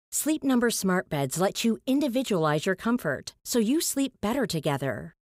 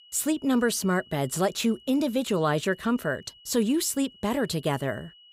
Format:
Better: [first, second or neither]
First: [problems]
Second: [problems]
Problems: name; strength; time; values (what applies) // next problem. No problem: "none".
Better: first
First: none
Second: high-pitched whine; faint; throughout; 3 kHz, 25 dB below the speech